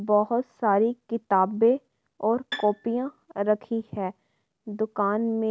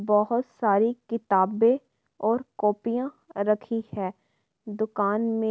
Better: second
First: background sound (Bowed string instrument); 14 dB below the speech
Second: none

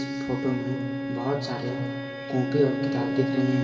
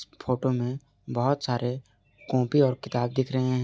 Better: second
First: background sound (Bowed string instrument); 2 dB below the speech // room echo; dies away in 2.3 s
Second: none

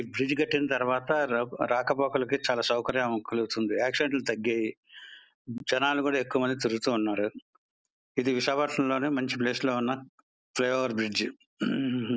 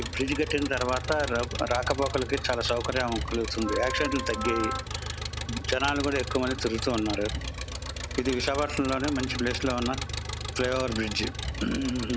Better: first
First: none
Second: background sound (Engine + Wind instrument, woodwind instrument); 4 dB below the speech

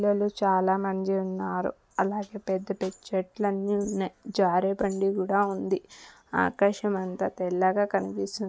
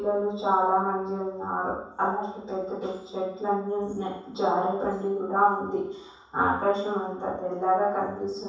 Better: first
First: none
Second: room echo; dies away in 0.7 s

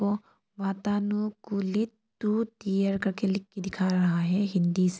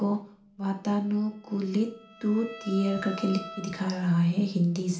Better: first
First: none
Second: background sound (Bowed string instrument); 18 dB below the speech // room echo; dies away in 0.4 s

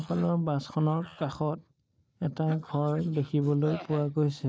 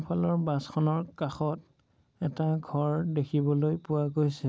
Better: second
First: noise reduction (neural mask model Resemble Enhance denoiser)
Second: none

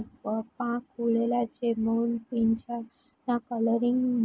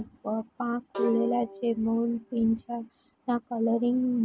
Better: first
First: none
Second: background sound (Bowed string instrument); 11 dB below the speech

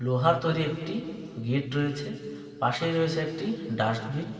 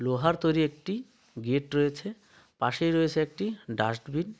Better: second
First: room echo; dies away in 2.4 s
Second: none

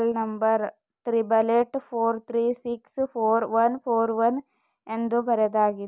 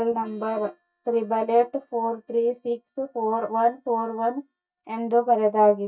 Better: first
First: none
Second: noise reduction (neural mask model DeepFilterNet 3)

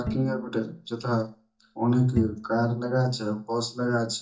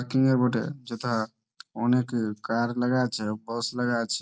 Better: second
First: noise reduction (neural mask model DeepFilterNet 3)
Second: none

